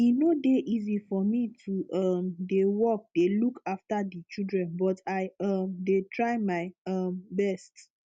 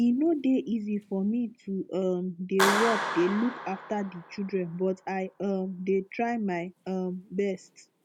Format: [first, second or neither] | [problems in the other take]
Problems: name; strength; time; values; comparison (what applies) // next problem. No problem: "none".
first | background sound (Clapping); 8 dB below the speech